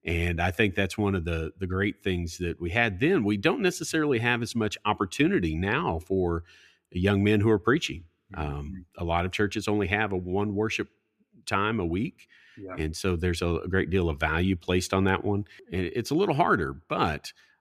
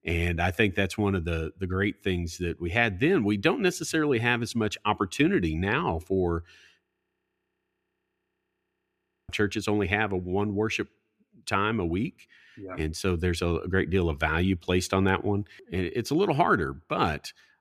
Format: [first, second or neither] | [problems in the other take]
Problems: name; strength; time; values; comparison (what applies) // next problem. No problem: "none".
first | audio freezing; at 7 s for 2.5 s